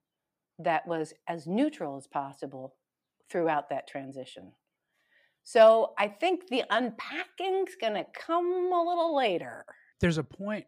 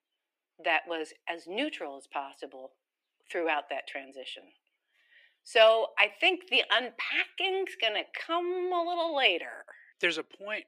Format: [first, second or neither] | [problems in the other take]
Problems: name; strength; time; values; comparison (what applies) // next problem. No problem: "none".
first | thin; somewhat; fading below 350 Hz